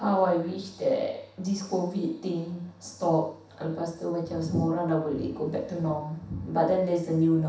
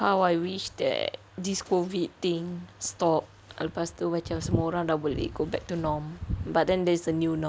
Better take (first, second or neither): second